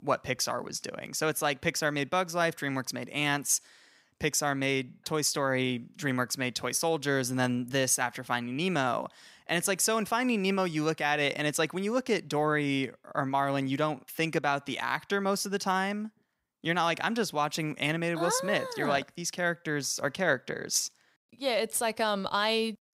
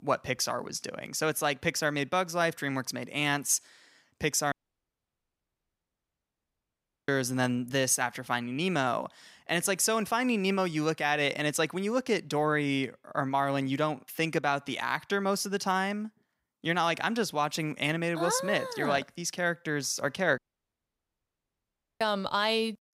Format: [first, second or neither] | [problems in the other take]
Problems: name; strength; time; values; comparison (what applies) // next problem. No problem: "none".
first | audio cutting out; at 4.5 s for 2.5 s and at 20 s for 1.5 s